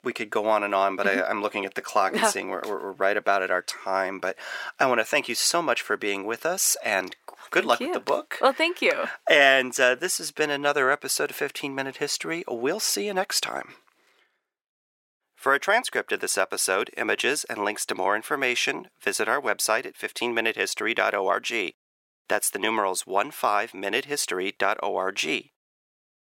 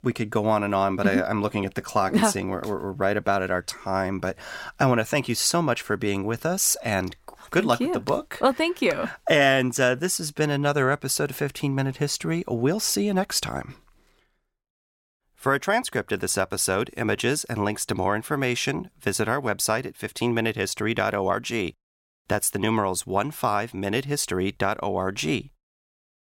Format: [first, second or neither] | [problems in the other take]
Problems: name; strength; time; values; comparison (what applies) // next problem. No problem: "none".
second | thin; somewhat; fading below 450 Hz